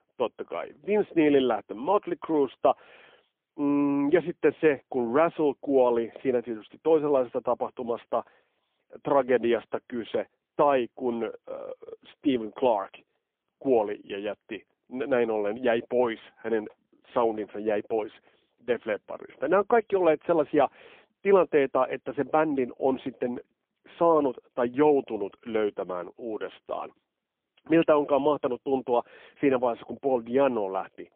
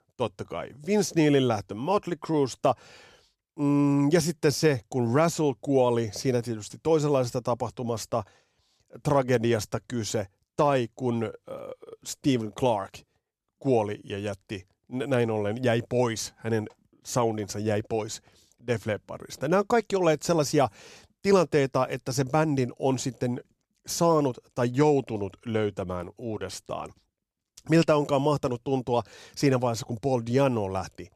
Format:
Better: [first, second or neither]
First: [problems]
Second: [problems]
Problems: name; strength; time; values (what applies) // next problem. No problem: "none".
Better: second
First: phone-call audio; poor line; nothing above 3.5 kHz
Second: none